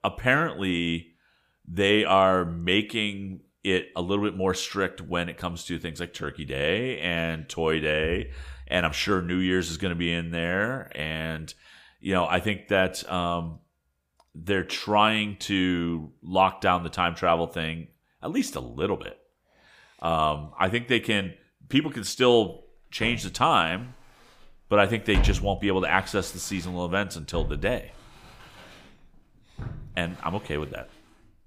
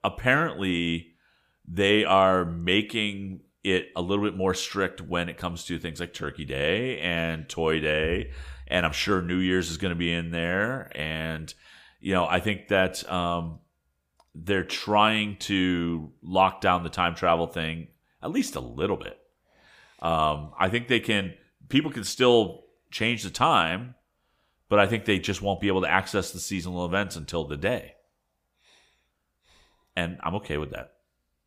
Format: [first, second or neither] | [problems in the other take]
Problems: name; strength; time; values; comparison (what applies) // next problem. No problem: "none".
second | footsteps; noticeable; from 23 to 30 s; peak 1 dB below the speech